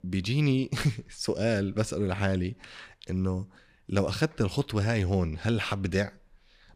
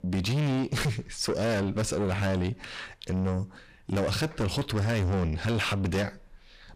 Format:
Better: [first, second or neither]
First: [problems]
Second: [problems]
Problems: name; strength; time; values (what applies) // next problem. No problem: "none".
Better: first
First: none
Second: distortion; heavy; 7 dB below the speech